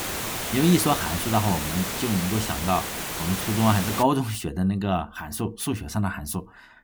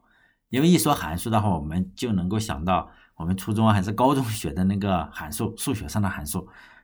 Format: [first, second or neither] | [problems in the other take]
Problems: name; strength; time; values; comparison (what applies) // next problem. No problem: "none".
second | hiss; loud; until 4 s; 3 dB below the speech